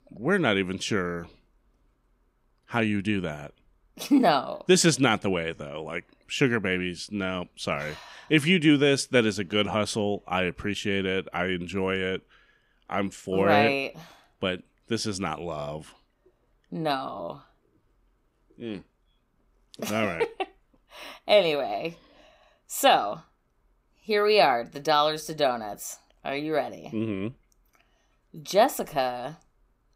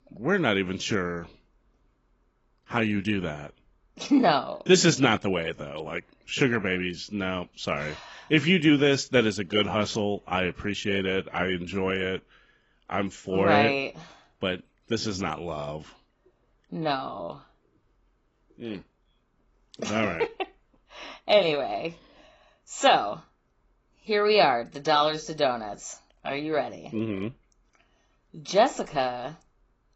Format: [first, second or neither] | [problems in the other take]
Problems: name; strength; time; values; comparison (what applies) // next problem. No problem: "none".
first | garbled, watery; badly; nothing above 7.5 kHz